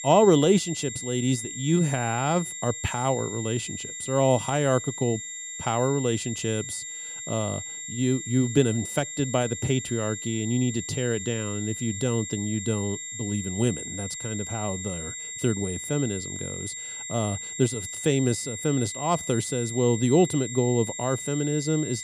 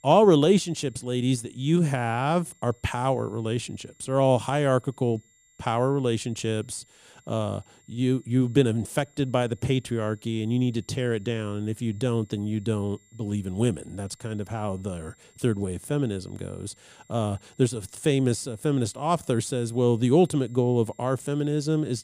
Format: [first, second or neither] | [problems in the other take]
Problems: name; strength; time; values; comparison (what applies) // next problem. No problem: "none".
second | high-pitched whine; loud; throughout; 7.5 kHz, 7 dB below the speech; faint in the second